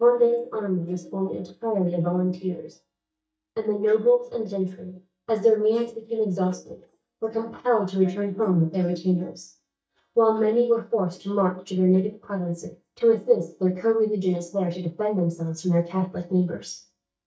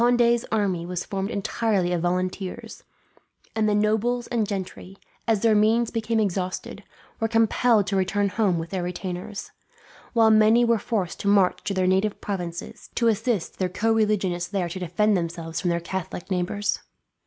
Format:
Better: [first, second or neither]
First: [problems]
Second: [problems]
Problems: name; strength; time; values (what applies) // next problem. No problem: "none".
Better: second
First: noise reduction (neural mask model DeepFilterNet 3)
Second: none